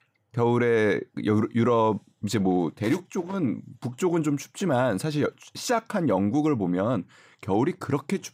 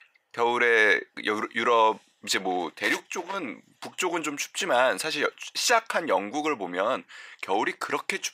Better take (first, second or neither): first